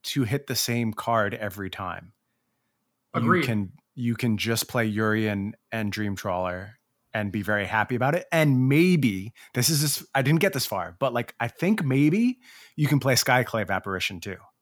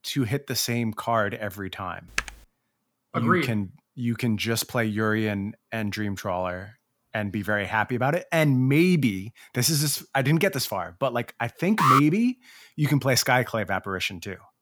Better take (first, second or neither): first